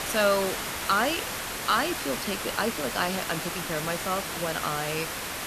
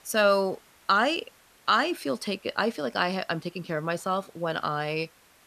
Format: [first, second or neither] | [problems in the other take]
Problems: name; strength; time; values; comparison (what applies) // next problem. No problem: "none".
second | hiss; loud; throughout; 2 dB below the speech; faint in the second